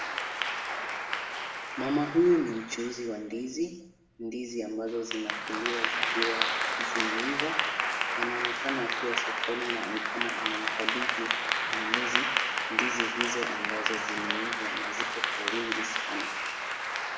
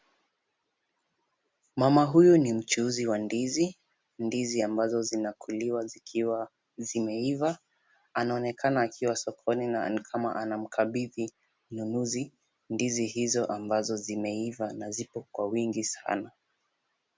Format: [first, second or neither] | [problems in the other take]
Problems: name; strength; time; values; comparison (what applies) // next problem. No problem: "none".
second | background sound (Applause / Clapping); 3 dB above the speech // room echo; dies away in 0.7 s